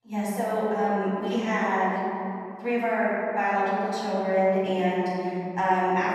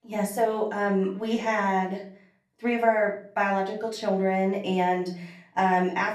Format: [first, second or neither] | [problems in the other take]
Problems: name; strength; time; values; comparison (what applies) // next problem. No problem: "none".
second | room echo; strong; dies away in 2.7 s; slight in the second // off-mic speech; far; far in the second